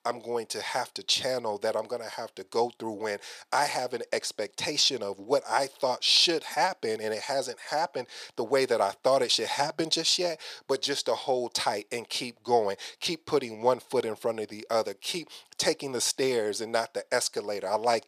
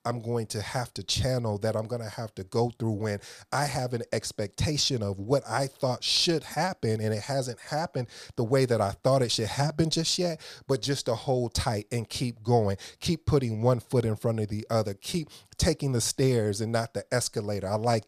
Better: second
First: thin; somewhat; fading below 400 Hz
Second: none

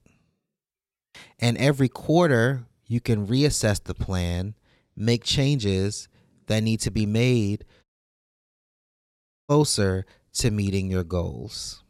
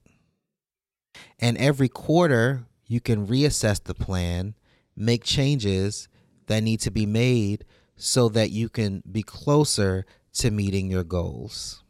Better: second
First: audio cutting out; at 8 s for 1.5 s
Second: none

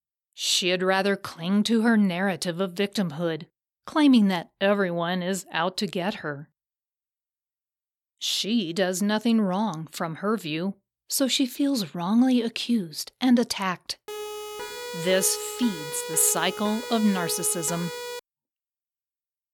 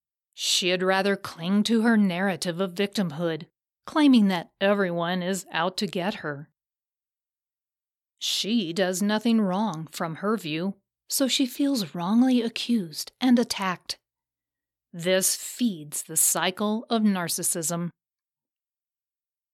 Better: second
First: siren; noticeable; from 14 to 18 s; peak 8 dB below the speech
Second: none

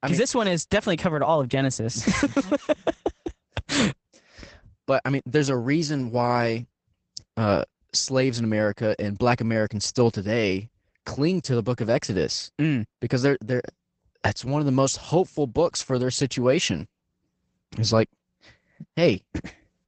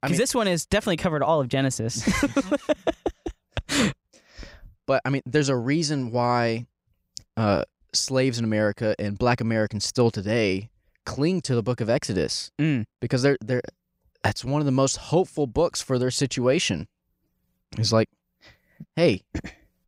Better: second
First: garbled, watery; badly; nothing above 8 kHz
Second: none

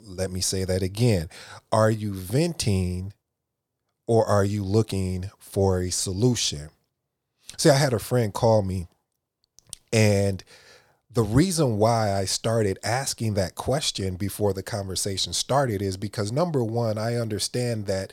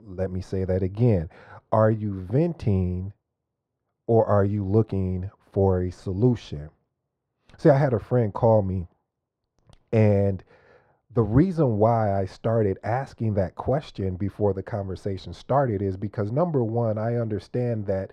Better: first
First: none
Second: muffled; very; fading above 3.5 kHz

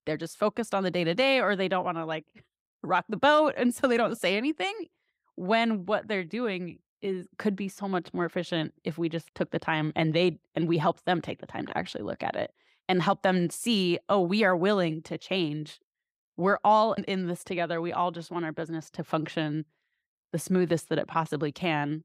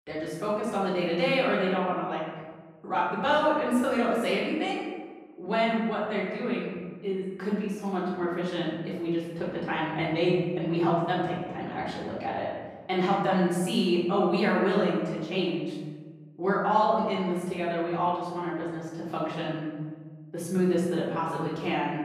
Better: first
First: none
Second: off-mic speech; far // room echo; noticeable; dies away in 1.3 s

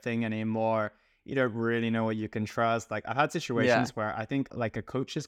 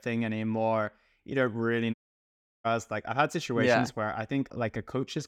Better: first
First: none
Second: audio cutting out; at 2 s for 0.5 s

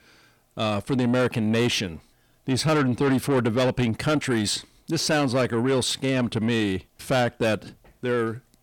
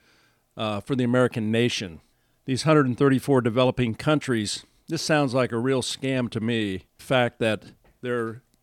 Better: second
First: distortion; heavy; 8 dB below the speech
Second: none

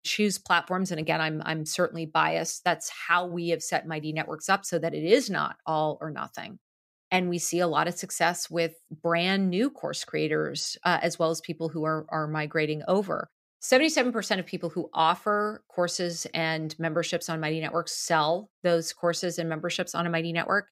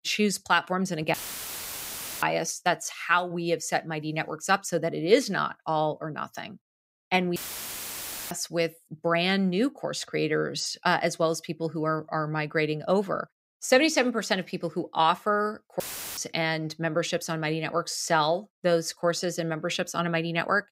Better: first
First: none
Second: audio cutting out; filled with static; at 1 s for 1 s, at 7.5 s for 1 s and at 16 s

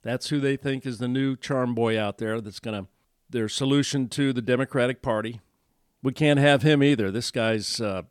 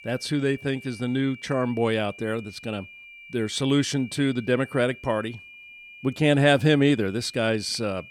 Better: first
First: none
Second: high-pitched whine; noticeable; throughout; 2.5 kHz, 20 dB below the speech

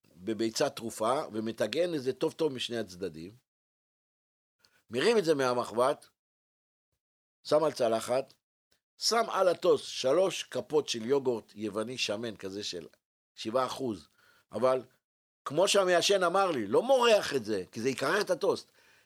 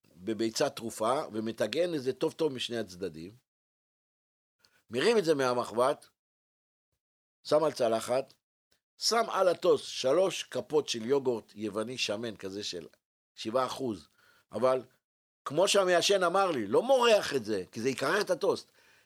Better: neither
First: none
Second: none

